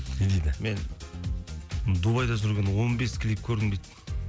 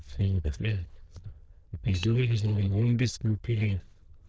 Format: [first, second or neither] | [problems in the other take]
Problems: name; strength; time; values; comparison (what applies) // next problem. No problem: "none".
first | noise reduction (neural diffusion model UNIVERSE++)